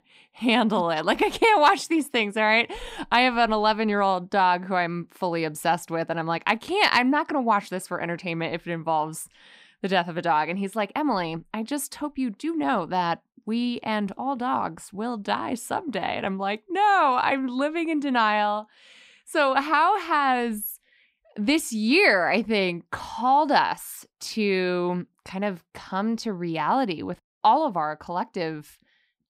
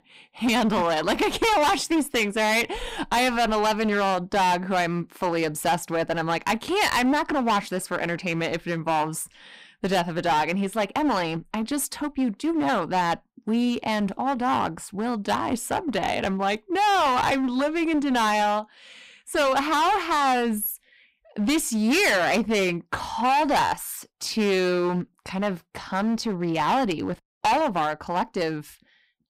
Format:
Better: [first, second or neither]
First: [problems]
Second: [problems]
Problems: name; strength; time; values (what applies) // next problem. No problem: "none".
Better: first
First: none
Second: distortion; heavy; 17% of the sound clipped